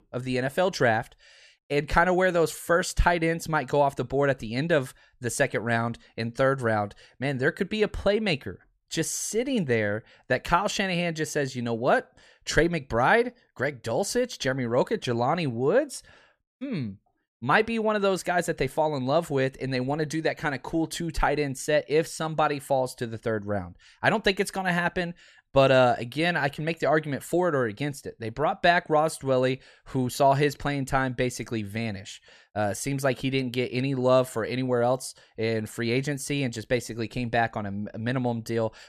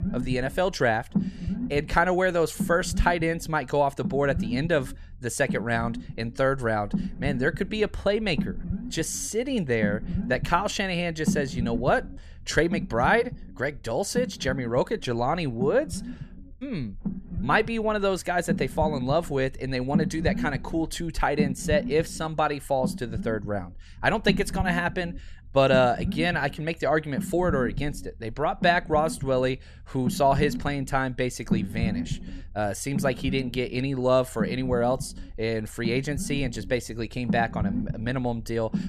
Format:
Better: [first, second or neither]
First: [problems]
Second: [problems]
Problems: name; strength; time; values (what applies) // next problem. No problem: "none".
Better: first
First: none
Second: low rumble; noticeable; throughout; 15 dB below the speech